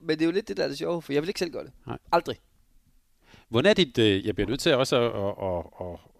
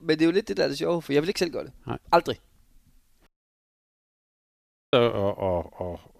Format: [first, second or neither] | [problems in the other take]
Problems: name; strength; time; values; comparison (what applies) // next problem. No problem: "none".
first | audio cutting out; at 3.5 s for 1.5 s